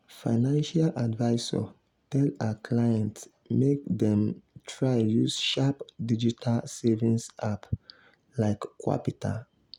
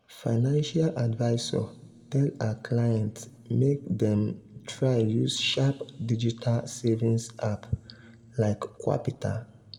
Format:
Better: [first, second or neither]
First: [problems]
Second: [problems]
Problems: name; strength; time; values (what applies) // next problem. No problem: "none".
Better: first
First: none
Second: room echo; dies away in 1.9 s